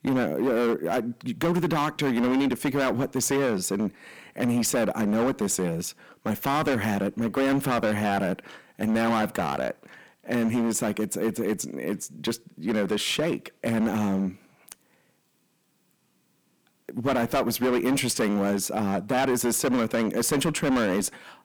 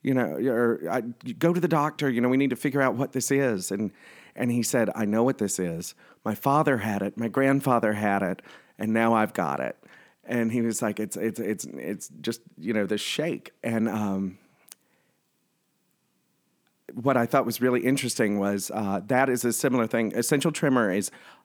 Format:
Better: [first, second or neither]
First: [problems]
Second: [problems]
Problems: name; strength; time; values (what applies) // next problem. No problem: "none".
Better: second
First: distortion; heavy; 12% of the sound clipped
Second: none